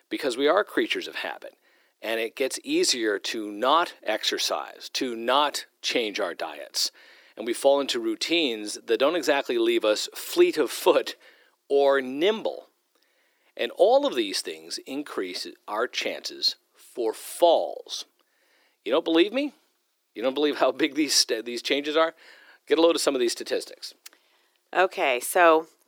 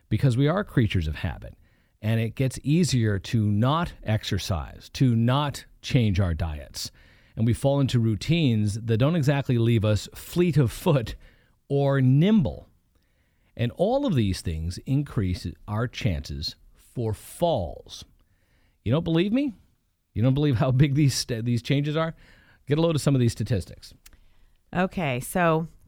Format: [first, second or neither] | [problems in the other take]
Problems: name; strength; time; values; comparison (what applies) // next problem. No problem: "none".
second | thin; very; fading below 350 Hz